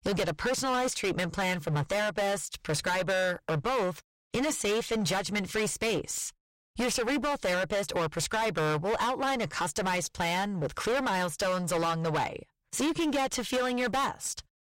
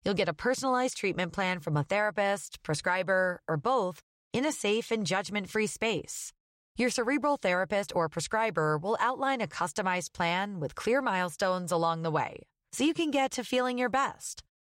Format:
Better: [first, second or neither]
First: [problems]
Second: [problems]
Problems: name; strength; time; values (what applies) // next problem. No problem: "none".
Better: second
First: distortion; heavy; 24% of the sound clipped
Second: none